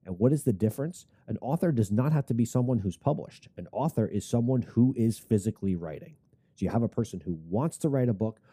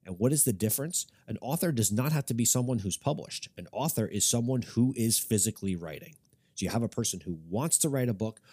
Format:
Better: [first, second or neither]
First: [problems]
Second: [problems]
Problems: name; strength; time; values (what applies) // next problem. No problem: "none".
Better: second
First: muffled; very; fading above 2 kHz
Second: none